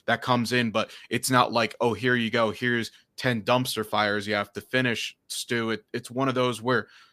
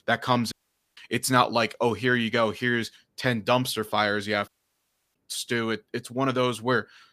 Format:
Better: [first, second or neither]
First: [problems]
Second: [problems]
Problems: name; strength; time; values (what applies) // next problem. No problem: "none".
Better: first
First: none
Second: audio cutting out; at 0.5 s and at 4.5 s for 0.5 s